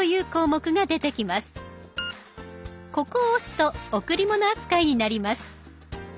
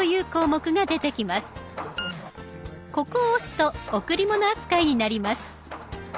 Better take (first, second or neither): first